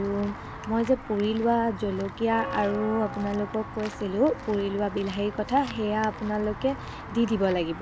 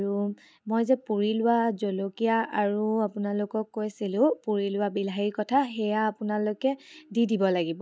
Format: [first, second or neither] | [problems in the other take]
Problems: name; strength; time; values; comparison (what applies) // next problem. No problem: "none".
second | background sound (Walk, footsteps / Bell); 11 dB below the speech